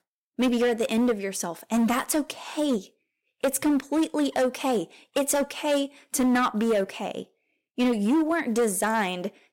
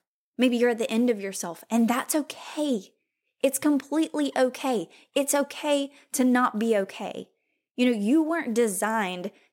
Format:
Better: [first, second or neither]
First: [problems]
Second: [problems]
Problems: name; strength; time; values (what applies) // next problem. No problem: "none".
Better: second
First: distortion; slight; 9% of the sound clipped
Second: none